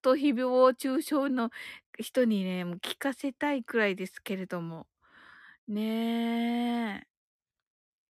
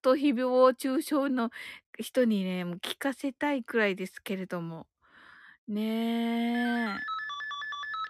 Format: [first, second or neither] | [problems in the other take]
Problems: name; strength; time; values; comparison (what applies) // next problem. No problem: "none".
first | phone ringing; noticeable; from 6.5 s on; peak 5 dB below the speech